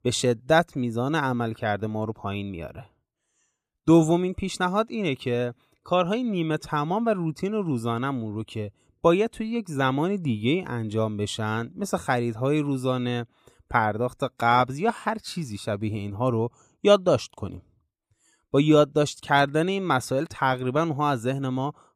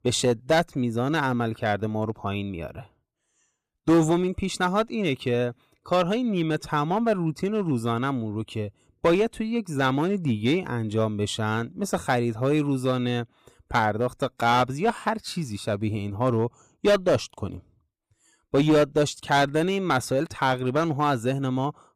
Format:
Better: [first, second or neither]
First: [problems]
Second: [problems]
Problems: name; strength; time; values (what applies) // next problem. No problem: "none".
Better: first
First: none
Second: distortion; slight; 4% of the sound clipped